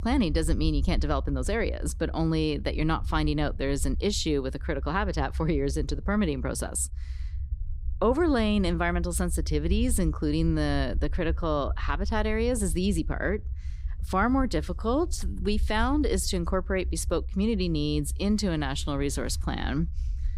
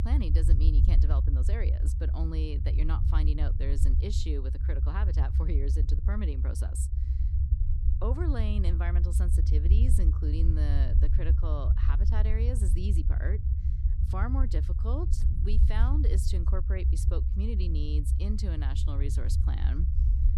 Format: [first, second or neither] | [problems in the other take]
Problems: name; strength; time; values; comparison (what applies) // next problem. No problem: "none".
first | low rumble; loud; throughout; 4 dB below the speech; faint in the first